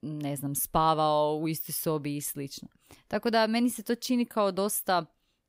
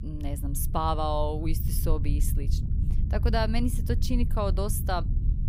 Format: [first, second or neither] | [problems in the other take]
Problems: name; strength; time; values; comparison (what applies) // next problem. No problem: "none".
first | low rumble; noticeable; throughout; 15 dB below the speech